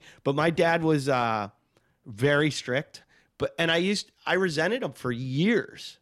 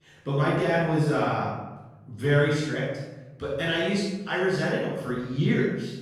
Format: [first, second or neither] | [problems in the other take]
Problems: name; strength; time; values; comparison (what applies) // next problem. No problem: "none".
first | off-mic speech; far // room echo; strong; dies away in 1 s